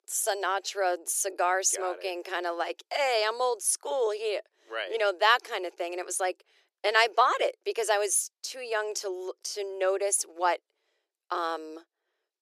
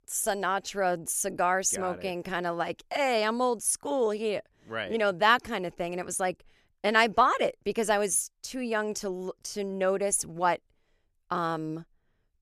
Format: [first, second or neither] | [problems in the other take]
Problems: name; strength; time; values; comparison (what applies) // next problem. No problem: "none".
second | thin; very; fading below 350 Hz